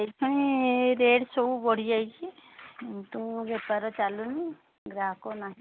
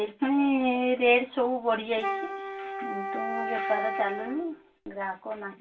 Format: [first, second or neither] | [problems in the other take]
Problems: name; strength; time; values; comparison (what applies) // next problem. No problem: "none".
first | background sound (Wind instrument, woodwind instrument); 6 dB below the speech // room echo; dies away in 0.2 s